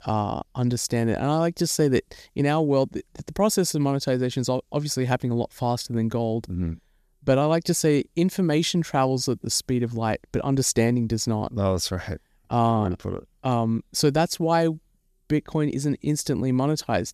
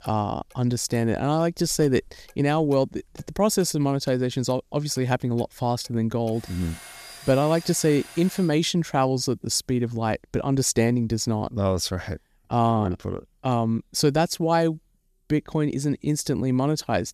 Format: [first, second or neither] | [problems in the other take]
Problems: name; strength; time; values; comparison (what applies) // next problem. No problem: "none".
first | household noises; faint; until 8.5 s; 20 dB below the speech